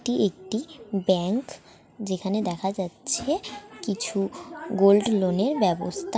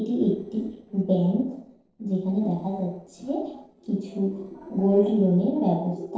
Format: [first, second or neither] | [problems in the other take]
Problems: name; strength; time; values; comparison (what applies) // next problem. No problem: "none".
first | noise reduction (neural separator model SepFormer DNS4)